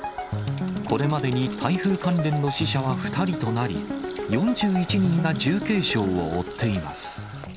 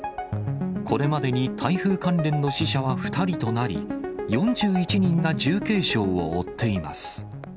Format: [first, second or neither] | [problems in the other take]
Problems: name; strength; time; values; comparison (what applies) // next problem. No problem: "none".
second | background sound (Mechanisms / Bicycle + Water tap, faucet); 19 dB below the speech